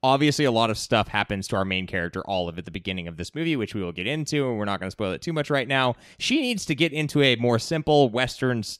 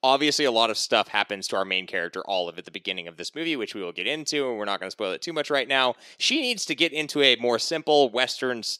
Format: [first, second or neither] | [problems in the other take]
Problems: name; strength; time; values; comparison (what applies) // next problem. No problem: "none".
first | thin; somewhat; fading below 400 Hz